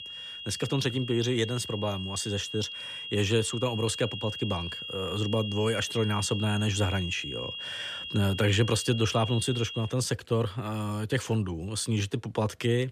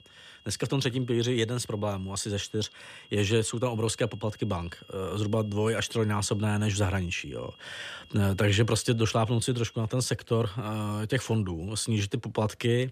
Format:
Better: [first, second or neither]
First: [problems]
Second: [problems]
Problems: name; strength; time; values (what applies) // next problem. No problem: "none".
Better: second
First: high-pitched whine; loud; until 10 s; 3.5 kHz, 7 dB below the speech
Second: high-pitched whine; faint; until 10 s; 3.5 kHz, 25 dB below the speech